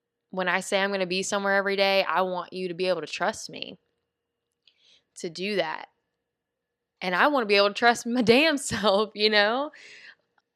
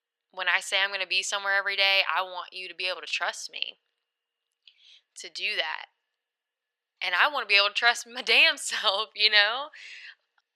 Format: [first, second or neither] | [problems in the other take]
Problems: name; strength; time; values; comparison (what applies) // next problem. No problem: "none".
first | thin; very; fading below 900 Hz